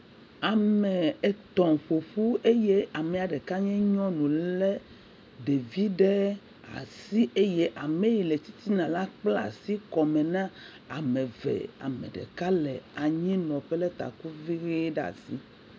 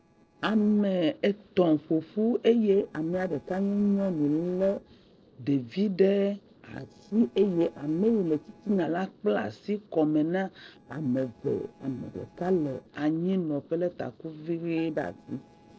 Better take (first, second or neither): first